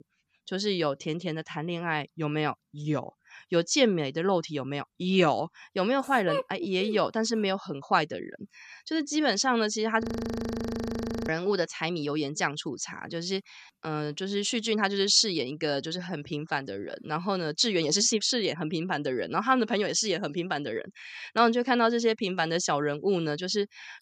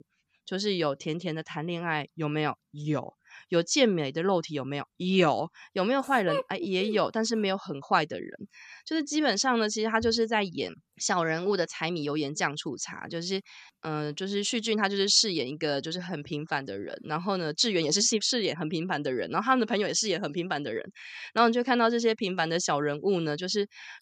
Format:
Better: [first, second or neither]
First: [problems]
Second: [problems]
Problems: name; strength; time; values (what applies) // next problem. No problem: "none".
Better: second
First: audio freezing; at 10 s for 1.5 s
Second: none